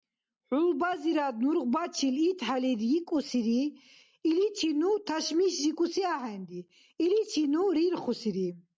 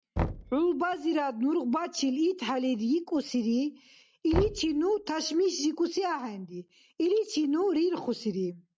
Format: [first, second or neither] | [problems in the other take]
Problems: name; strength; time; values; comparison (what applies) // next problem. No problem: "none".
first | background sound (Knock); 12 dB below the speech